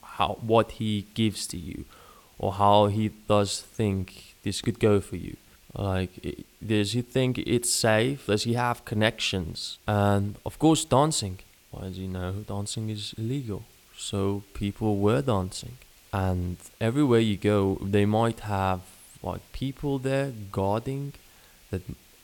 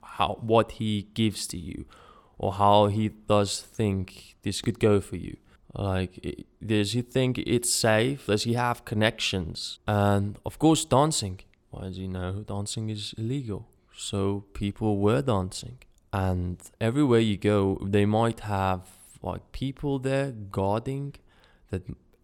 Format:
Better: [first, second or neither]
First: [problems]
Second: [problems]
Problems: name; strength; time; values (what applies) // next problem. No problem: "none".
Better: second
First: hiss; faint; throughout; 30 dB below the speech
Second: none